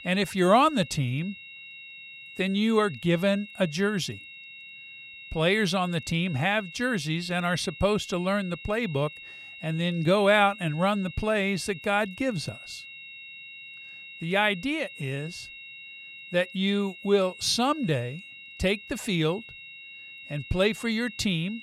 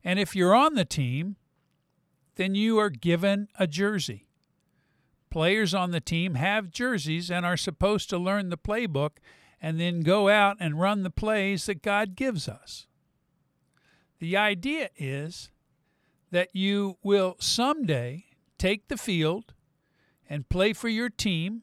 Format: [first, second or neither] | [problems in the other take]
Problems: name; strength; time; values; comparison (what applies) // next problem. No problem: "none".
second | high-pitched whine; noticeable; throughout; 2.5 kHz, 15 dB below the speech